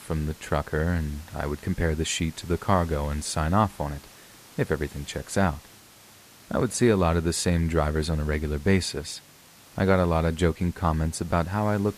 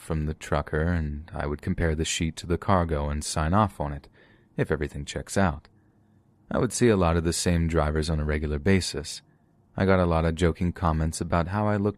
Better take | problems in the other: second | hiss; faint; throughout; 20 dB below the speech

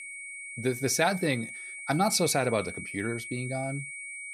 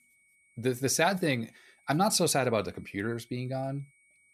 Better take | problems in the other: second | high-pitched whine; loud; throughout; 2 kHz, 9 dB below the speech; faint in the second

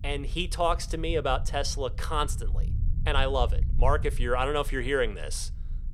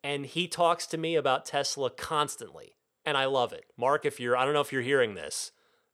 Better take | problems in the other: second | low rumble; faint; throughout; 20 dB below the speech

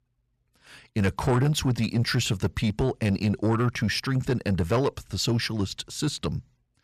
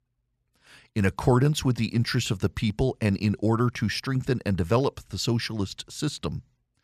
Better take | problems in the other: second | distortion; slight; 10 dB below the speech

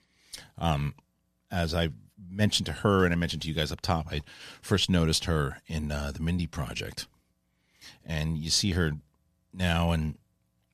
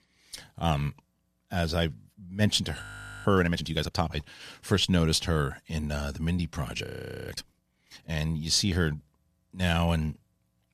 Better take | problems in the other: first | audio freezing; at 3 s and at 7 s

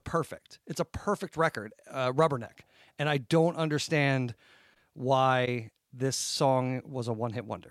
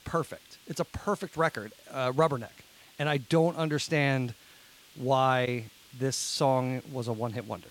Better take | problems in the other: first | hiss; faint; throughout; 25 dB below the speech

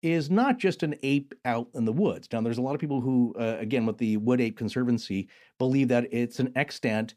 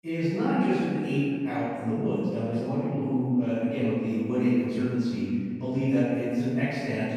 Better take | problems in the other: first | room echo; strong; dies away in 1.9 s // off-mic speech; far

